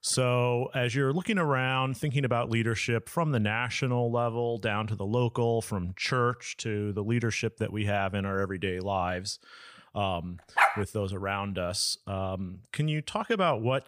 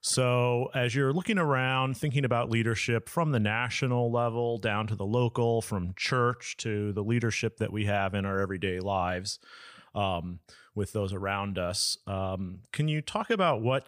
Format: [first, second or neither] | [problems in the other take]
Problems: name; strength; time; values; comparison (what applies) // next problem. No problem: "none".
second | dog barking; loud; at 11 s; peak 5 dB above the speech